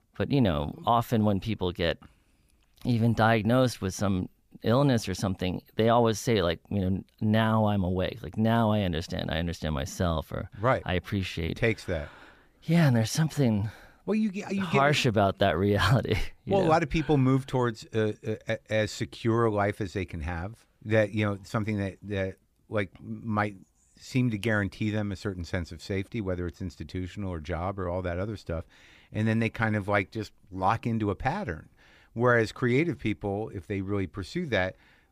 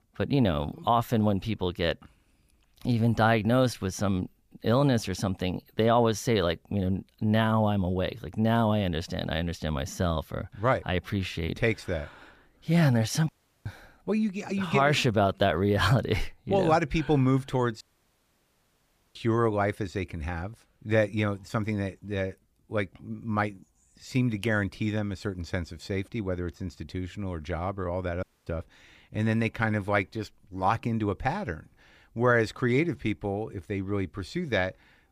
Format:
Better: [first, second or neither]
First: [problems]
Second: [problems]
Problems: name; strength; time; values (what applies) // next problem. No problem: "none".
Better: first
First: none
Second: audio cutting out; at 13 s, at 18 s for 1.5 s and at 28 s